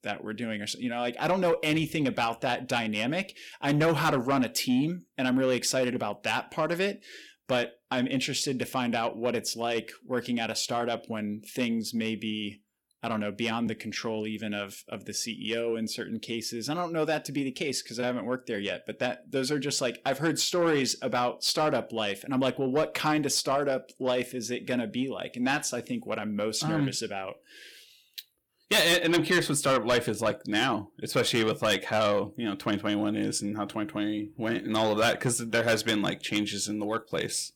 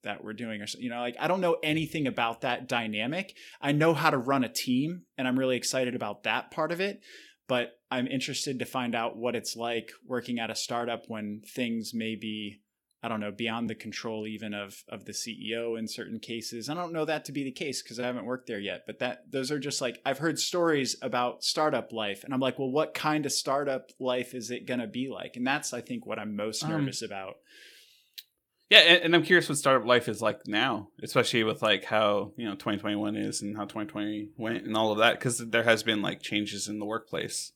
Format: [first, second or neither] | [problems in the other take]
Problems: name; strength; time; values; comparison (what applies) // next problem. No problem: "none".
second | distortion; heavy; 7 dB below the speech